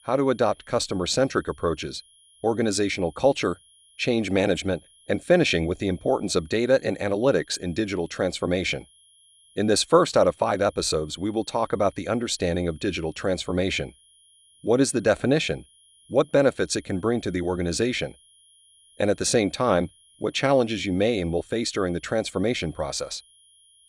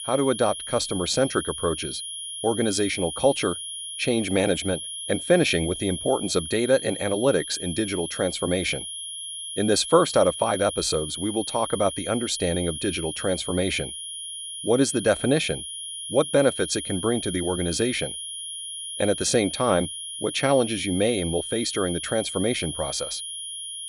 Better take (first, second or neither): first